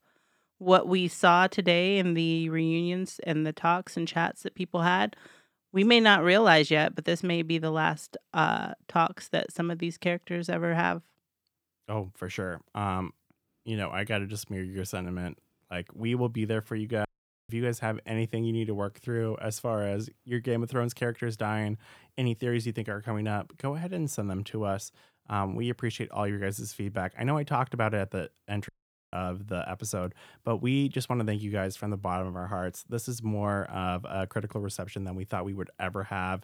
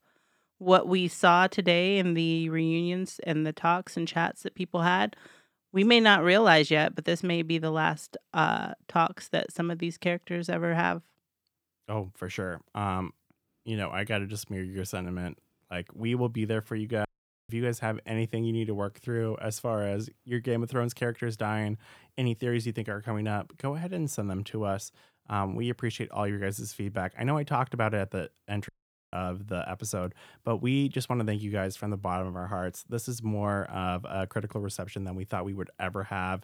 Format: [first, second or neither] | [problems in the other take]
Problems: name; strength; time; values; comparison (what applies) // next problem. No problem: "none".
neither | audio cutting out; at 17 s and at 29 s; the same in both